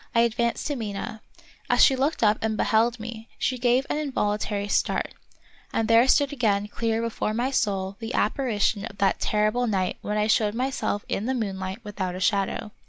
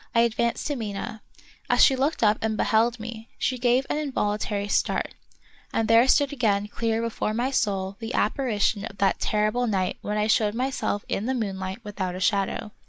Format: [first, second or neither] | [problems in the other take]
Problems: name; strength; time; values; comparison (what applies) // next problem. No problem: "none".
first | noise reduction (neural mask model Resemble Enhance denoiser)